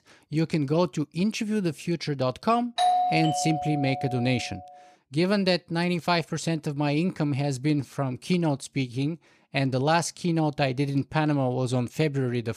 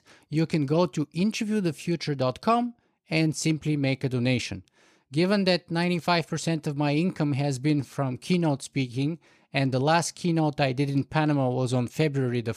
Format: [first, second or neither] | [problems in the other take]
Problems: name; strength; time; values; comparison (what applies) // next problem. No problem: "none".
second | doorbell; loud; from 3 to 4.5 s; peak 4 dB above the speech